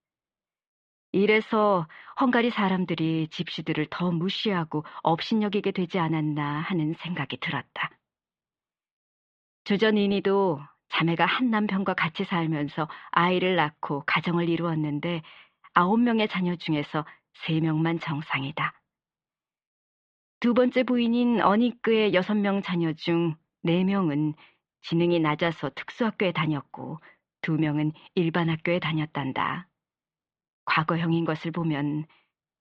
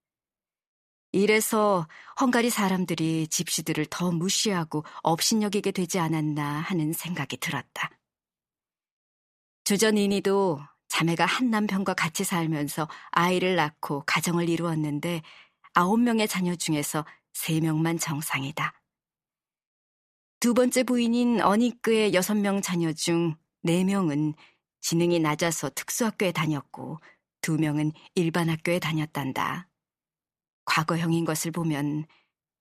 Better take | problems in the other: second | muffled; very; fading above 3.5 kHz

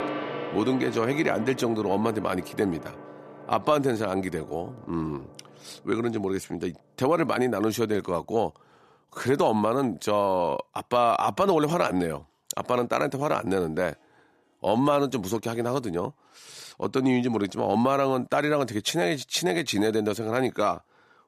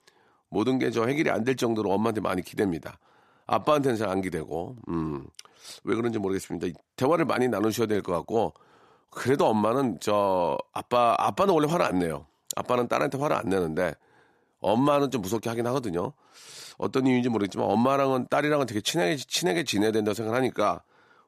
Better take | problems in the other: second | background music; noticeable; throughout; 15 dB below the speech

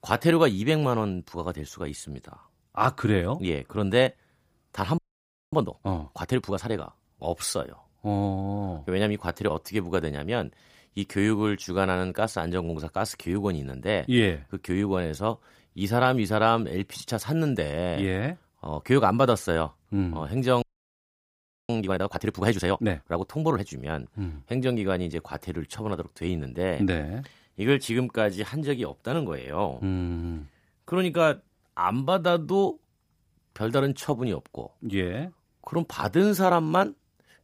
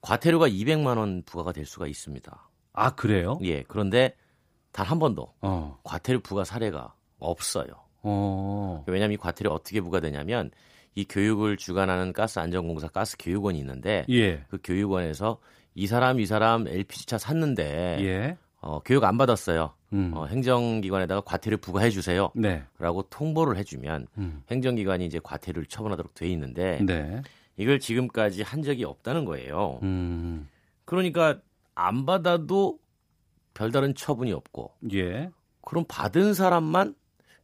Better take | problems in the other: second | audio freezing; at 5 s for 0.5 s and at 21 s for 1 s

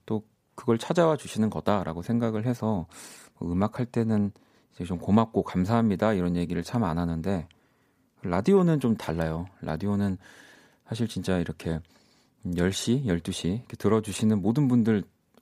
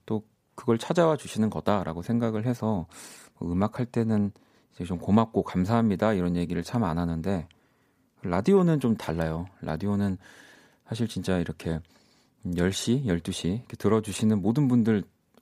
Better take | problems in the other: neither | none

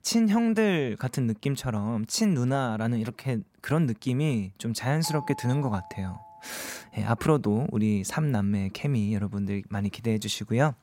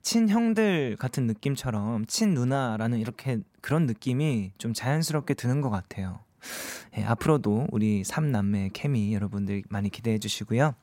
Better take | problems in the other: second | doorbell; faint; from 5 to 6.5 s; peak 10 dB below the speech

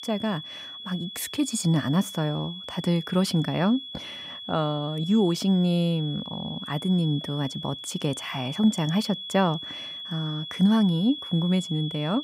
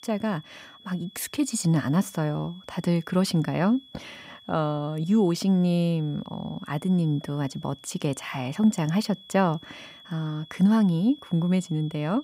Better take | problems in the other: second | high-pitched whine; loud; throughout; 3.5 kHz, 10 dB below the speech; faint in the second

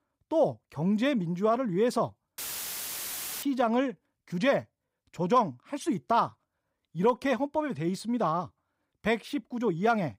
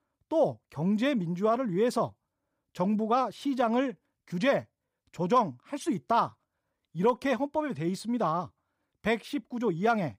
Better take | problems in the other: second | audio cutting out; filled with static; at 2.5 s for 1 s

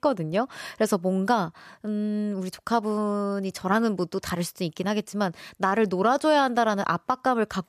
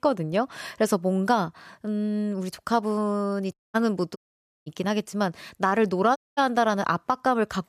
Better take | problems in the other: first | audio cutting out; at 3.5 s, at 4 s for 0.5 s and at 6 s

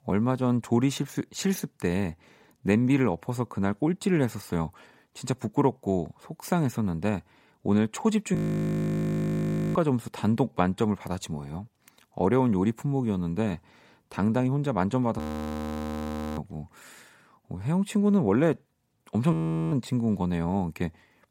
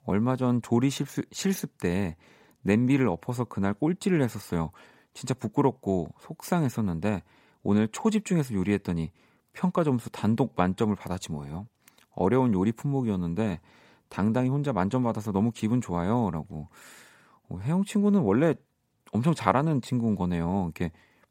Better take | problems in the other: second | audio freezing; at 8.5 s for 1.5 s, at 15 s for 1 s and at 19 s

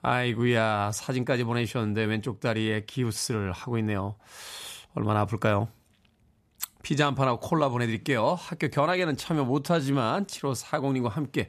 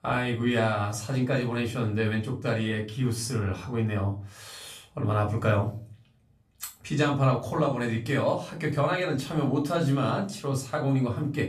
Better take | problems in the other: first | off-mic speech; far // room echo; slight; dies away in 0.3 s

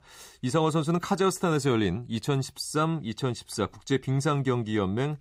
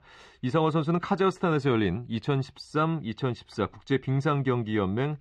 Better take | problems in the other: first | muffled; slightly; fading above 3 kHz

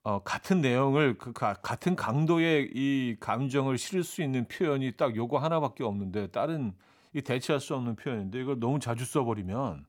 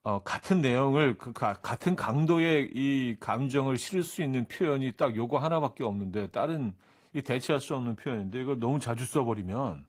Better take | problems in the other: first | garbled, watery; slightly; nothing above 15.5 kHz

